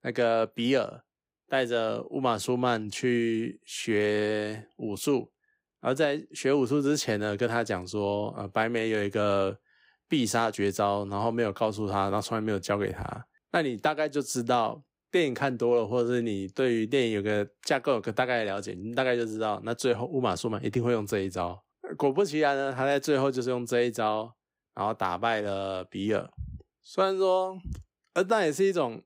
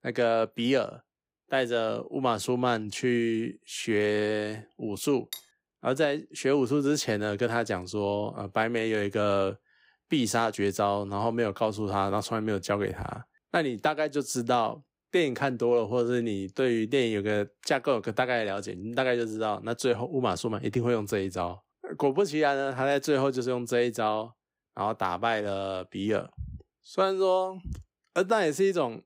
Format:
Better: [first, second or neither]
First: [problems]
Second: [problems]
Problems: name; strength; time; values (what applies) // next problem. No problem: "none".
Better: first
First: none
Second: clattering dishes; faint; at 5.5 s; peak 15 dB below the speech